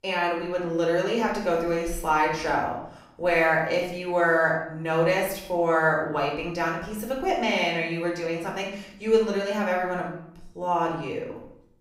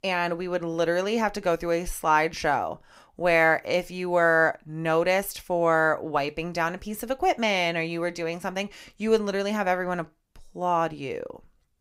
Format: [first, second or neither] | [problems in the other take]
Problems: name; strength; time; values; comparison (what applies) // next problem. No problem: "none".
second | off-mic speech; somewhat distant // room echo; noticeable; dies away in 0.6 s